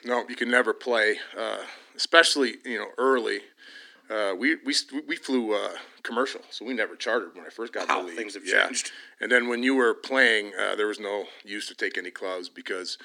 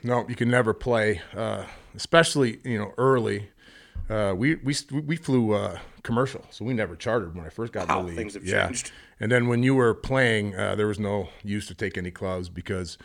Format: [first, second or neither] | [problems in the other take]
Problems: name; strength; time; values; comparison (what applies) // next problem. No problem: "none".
second | thin; somewhat; fading below 250 Hz